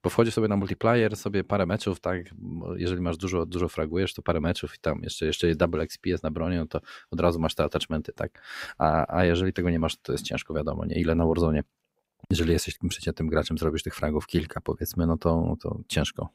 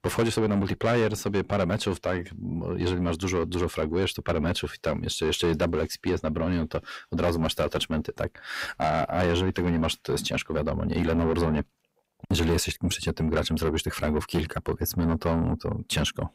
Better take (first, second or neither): first